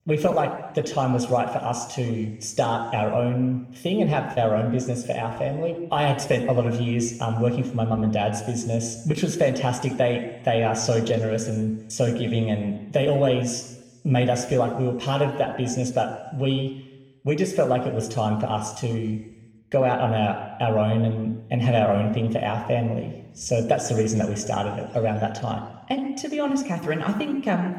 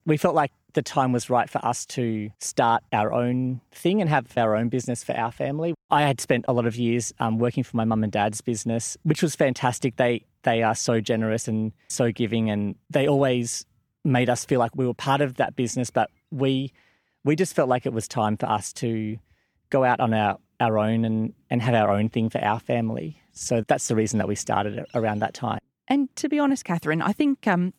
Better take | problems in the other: second | room echo; slight; dies away in 1 s

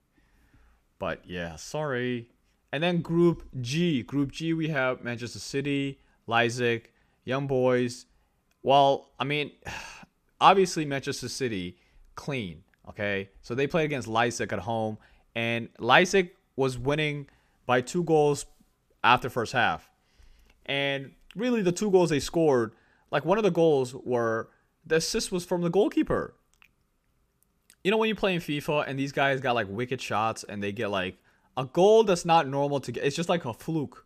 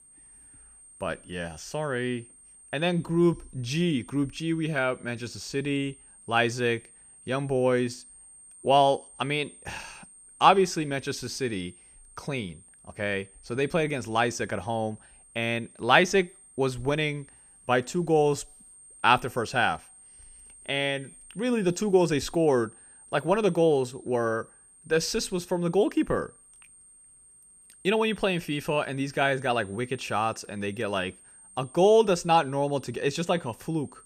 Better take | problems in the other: first | high-pitched whine; faint; throughout; 8.5 kHz, 25 dB below the speech

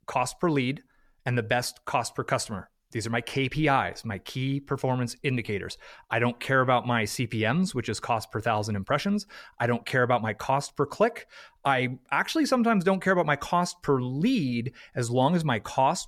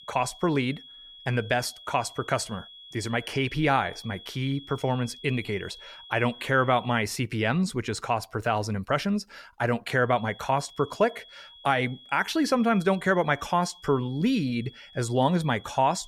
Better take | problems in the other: first | high-pitched whine; noticeable; until 7 s and from 10 s on; 3.5 kHz, 20 dB below the speech

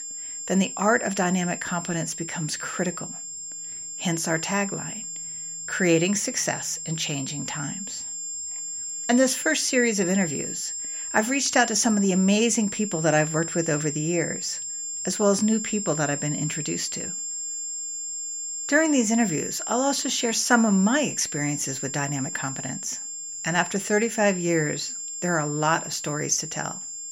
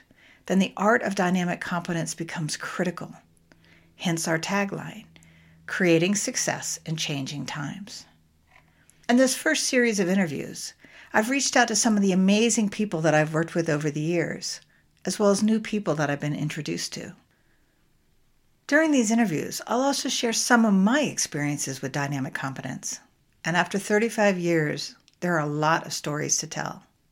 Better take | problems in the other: second | high-pitched whine; loud; throughout; 7.5 kHz, 6 dB below the speech

